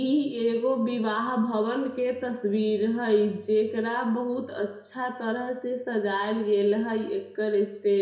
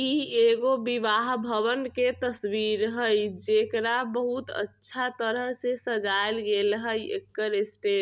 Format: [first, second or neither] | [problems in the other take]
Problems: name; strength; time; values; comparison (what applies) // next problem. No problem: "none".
second | room echo; dies away in 0.7 s